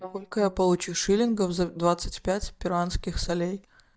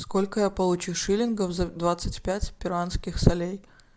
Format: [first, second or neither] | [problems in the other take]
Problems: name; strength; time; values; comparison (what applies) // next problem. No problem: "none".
second | noise reduction (neural mask model DeepFilterNet 3)